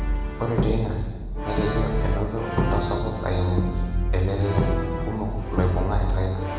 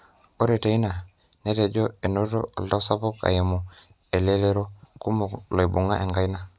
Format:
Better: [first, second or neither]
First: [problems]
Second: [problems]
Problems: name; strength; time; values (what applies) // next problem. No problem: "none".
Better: second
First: background sound (Brass instrument); 3 dB above the speech // room echo; dies away in 1.2 s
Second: none